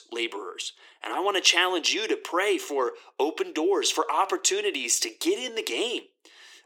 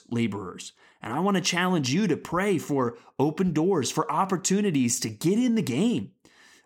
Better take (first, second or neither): second